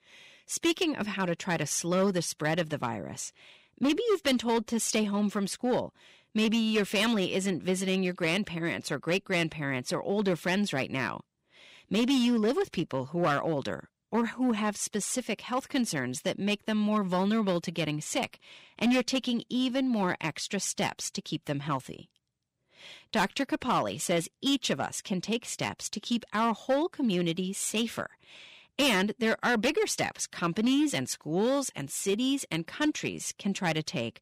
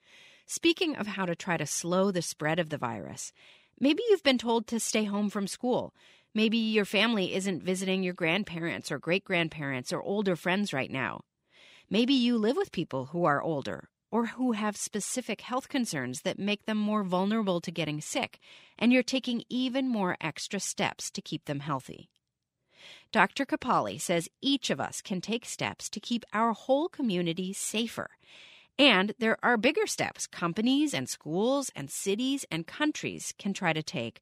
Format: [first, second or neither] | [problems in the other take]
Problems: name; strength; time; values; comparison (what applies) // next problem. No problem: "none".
second | distortion; slight; 5% of the sound clipped